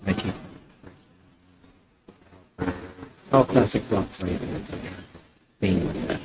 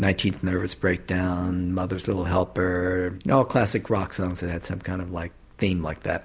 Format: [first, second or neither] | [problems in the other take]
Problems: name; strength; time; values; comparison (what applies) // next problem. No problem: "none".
second | noise reduction (neural mask model RNNoise)